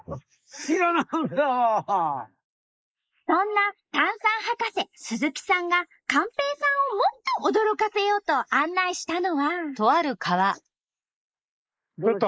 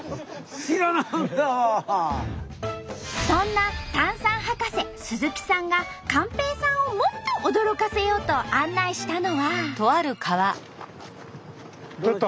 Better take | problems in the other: second | noise reduction (neural mask model Resemble Enhance denoiser)

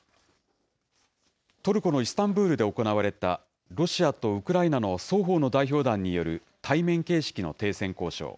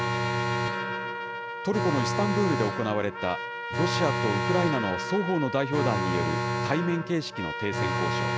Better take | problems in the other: first | background sound (Trumpet + Alarm); as loud as the speech

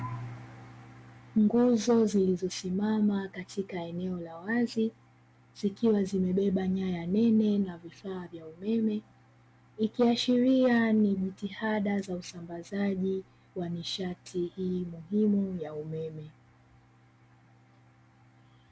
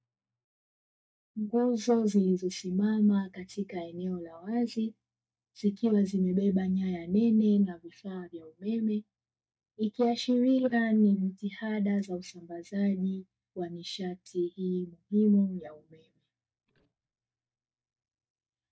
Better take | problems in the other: first | noise reduction (neural mask model DeepFilterNet 3)

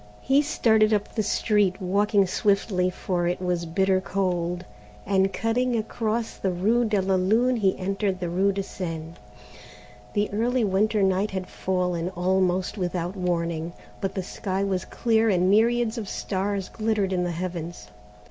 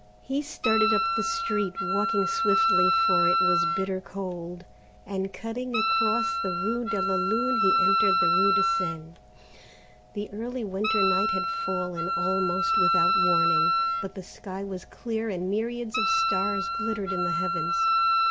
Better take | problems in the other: first | background sound (Wind instrument, woodwind instrument); 4 dB above the speech

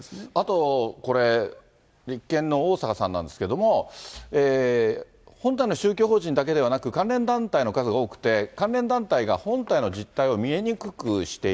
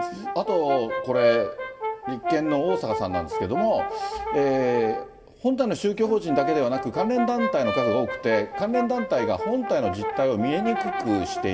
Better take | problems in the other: first | background sound (Brass instrument); 4 dB below the speech // room echo; dies away in 1.6 s

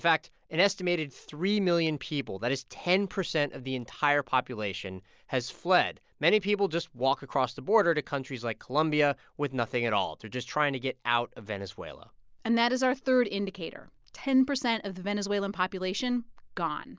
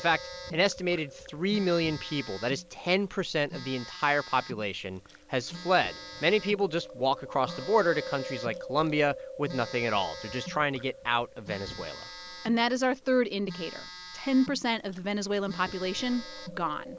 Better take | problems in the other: first | background sound (Telephone + Chewing, mastication); 13 dB below the speech

